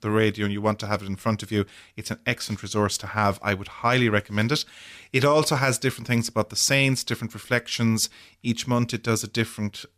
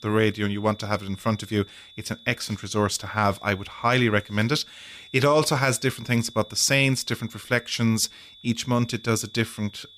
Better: first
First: none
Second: high-pitched whine; faint; throughout; 3.5 kHz, 20 dB below the speech

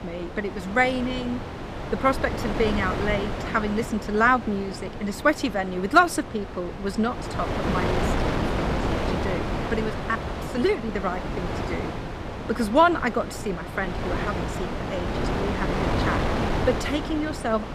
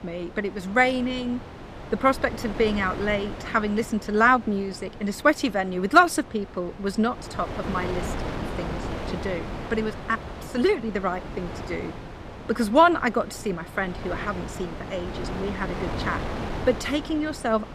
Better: second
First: wind noise on the microphone; heavy; 6 dB below the speech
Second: wind noise on the microphone; occasional gusts; 15 dB below the speech

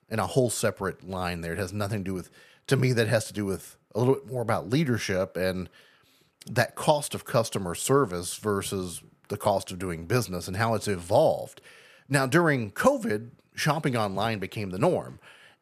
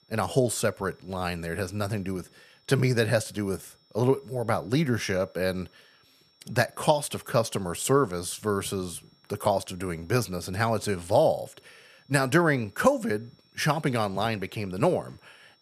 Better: first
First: none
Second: high-pitched whine; faint; throughout; 5.5 kHz, 35 dB below the speech

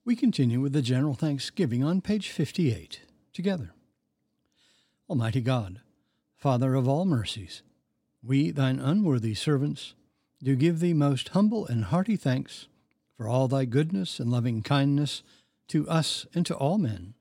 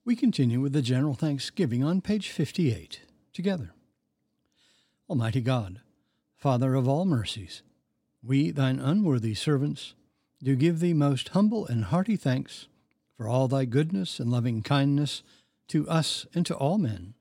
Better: neither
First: none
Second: none

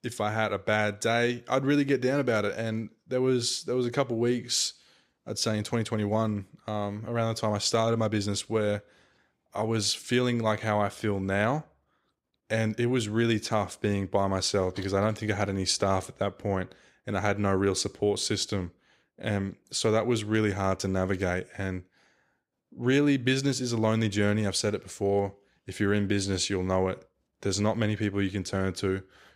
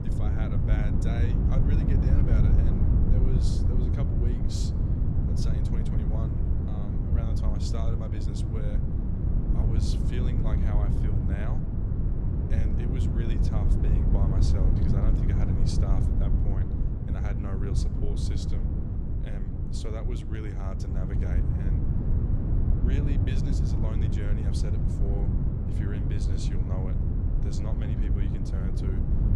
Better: first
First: none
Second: wind noise on the microphone; heavy; 3 dB above the speech

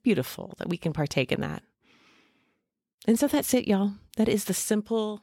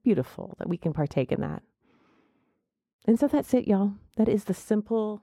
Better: first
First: none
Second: muffled; very; fading above 2 kHz

